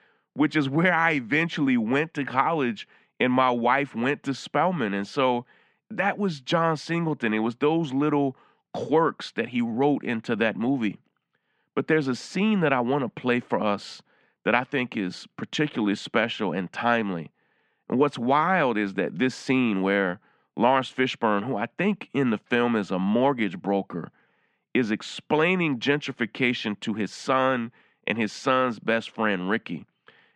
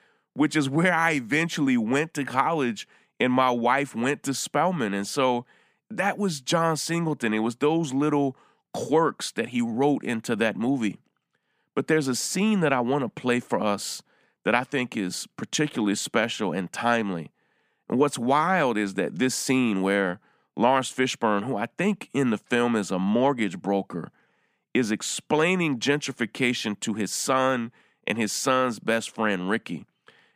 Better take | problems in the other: second | muffled; slightly; fading above 3 kHz

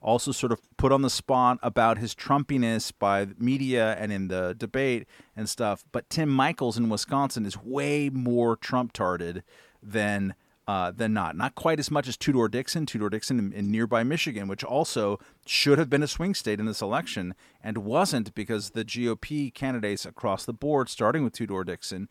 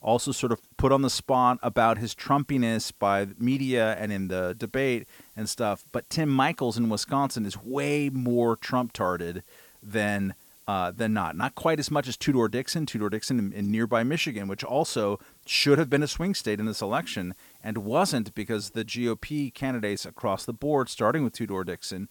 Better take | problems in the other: first | hiss; faint; throughout; 25 dB below the speech

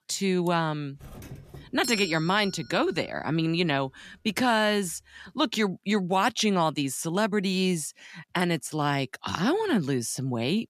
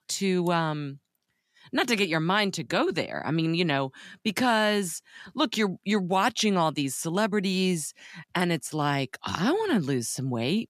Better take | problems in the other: second | doorbell; noticeable; from 1 to 2.5 s; peak 6 dB below the speech

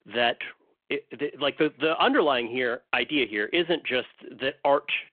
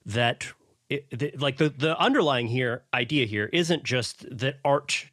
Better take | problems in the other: second | phone-call audio

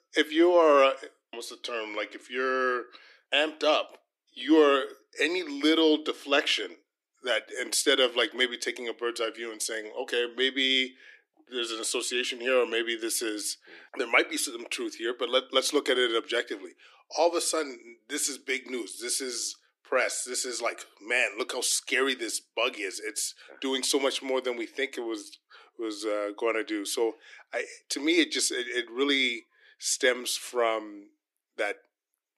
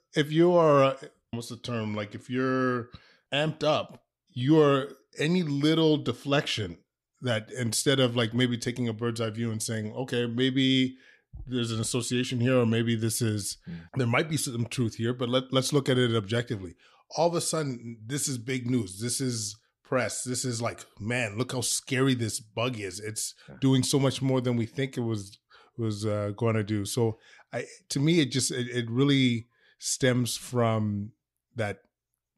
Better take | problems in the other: second | thin; somewhat; fading below 300 Hz

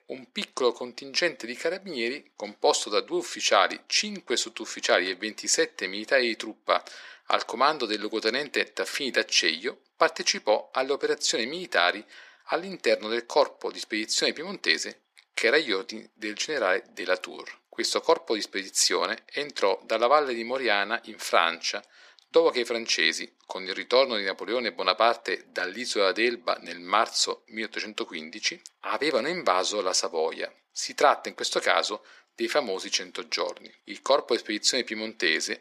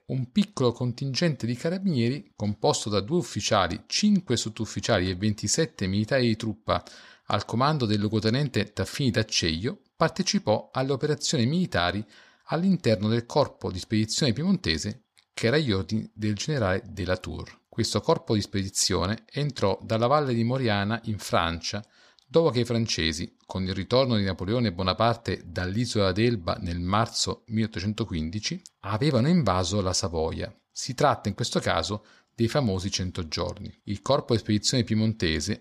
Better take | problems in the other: second | thin; very; fading below 350 Hz

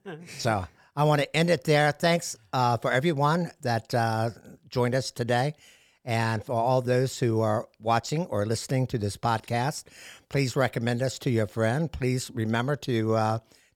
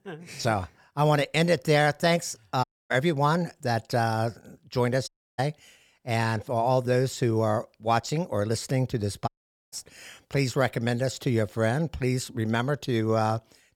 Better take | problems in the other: first | audio cutting out; at 2.5 s, at 5 s and at 9.5 s

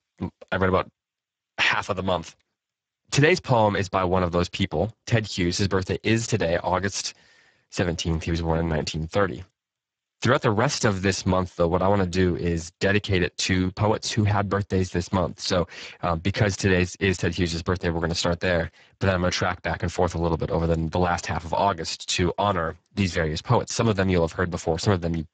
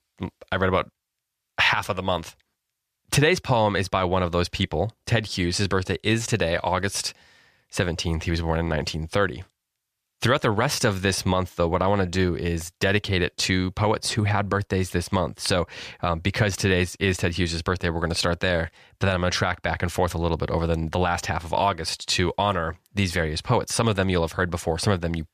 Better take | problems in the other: second | garbled, watery; badly; nothing above 7.5 kHz

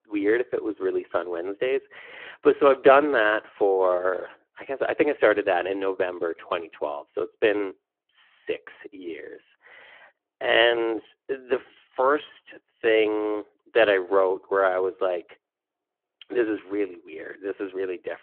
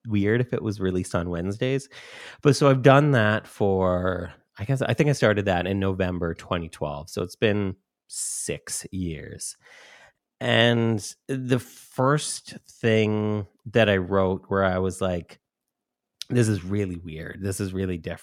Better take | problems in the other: second | phone-call audio

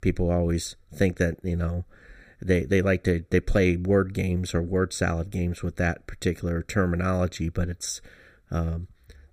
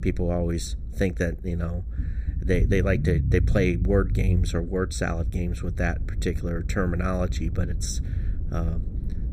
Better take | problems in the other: first | low rumble; noticeable; throughout; 15 dB below the speech

